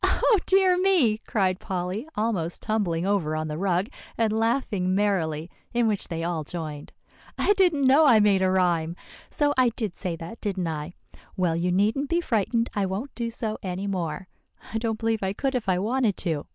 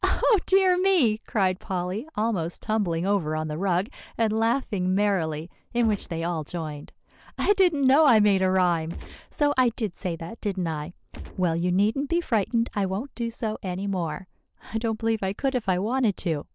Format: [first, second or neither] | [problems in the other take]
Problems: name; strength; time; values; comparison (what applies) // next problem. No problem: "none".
first | noise reduction (neural separator model SepFormer DNS4)